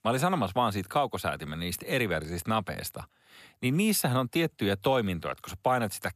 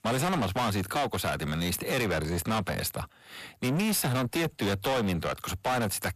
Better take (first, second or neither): first